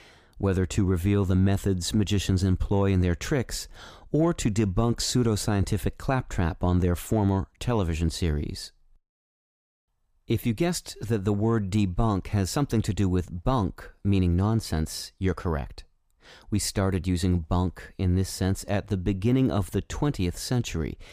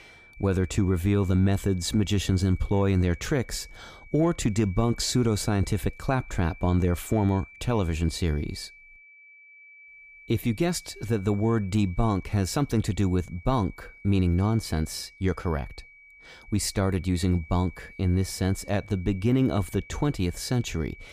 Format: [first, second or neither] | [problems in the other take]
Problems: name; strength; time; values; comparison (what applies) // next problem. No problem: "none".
first | high-pitched whine; faint; throughout; 2.5 kHz, 20 dB below the speech